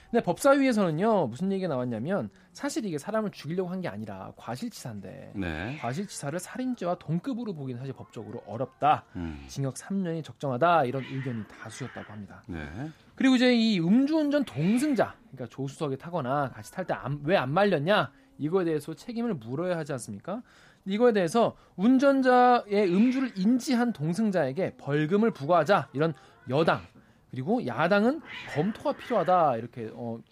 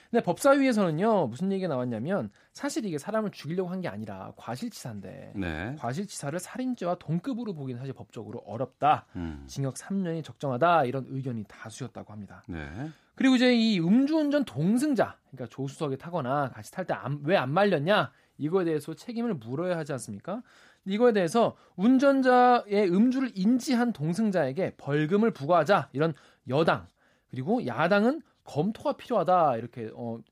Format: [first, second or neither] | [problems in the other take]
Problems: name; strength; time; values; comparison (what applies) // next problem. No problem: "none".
second | hiss; faint; throughout; 20 dB below the speech